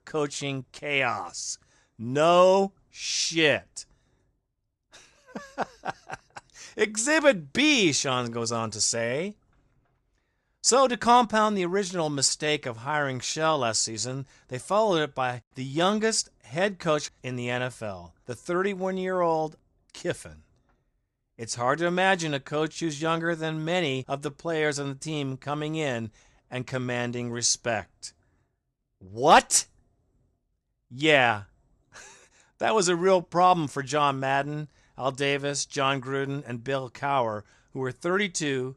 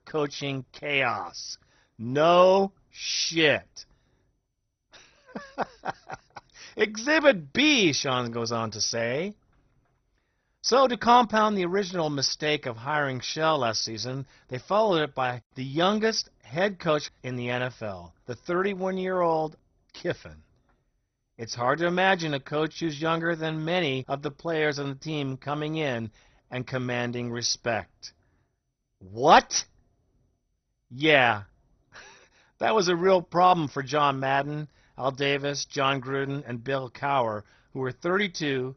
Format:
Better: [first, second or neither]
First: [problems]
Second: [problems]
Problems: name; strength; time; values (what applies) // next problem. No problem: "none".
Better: first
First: none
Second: garbled, watery; badly; nothing above 6 kHz